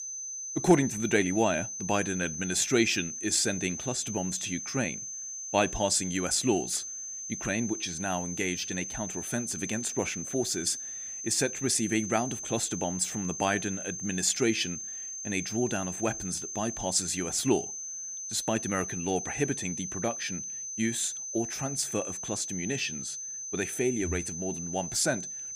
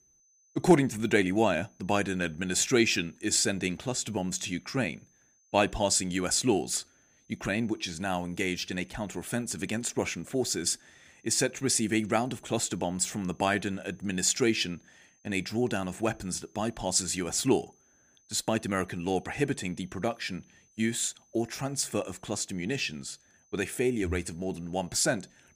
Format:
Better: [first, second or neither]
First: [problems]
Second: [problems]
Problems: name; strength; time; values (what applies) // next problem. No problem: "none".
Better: second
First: high-pitched whine; loud; throughout; 6 kHz, 5 dB below the speech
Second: high-pitched whine; faint; throughout; 6 kHz, 35 dB below the speech